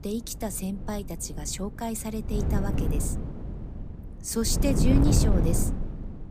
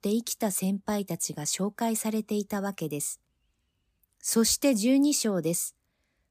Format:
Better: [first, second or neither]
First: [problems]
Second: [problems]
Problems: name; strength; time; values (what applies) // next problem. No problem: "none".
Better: second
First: wind noise on the microphone; heavy; 3 dB below the speech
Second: none